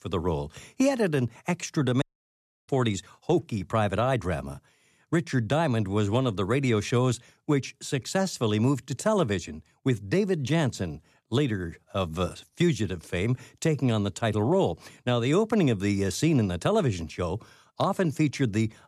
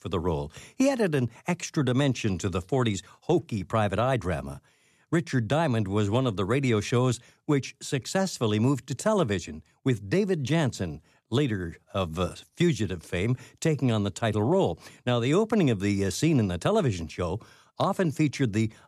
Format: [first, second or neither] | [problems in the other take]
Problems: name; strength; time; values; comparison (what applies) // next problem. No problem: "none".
second | audio cutting out; at 2 s for 0.5 s